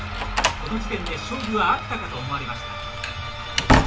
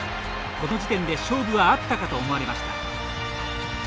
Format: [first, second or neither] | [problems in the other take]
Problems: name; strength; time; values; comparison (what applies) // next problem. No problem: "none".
second | background sound (Slam); 1 dB above the speech // room echo; dies away in 0.2 s